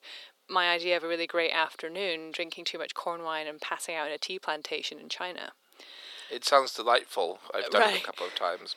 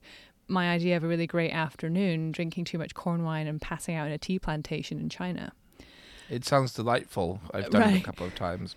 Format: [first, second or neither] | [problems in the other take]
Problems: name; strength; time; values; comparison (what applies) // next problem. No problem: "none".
second | thin; very; fading below 400 Hz